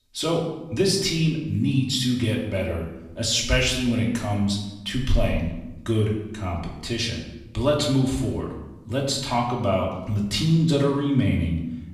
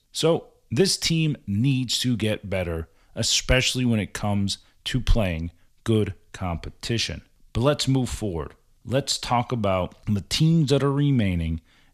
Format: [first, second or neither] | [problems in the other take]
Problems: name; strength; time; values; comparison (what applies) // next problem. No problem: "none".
second | room echo; noticeable; dies away in 0.8 s // off-mic speech; far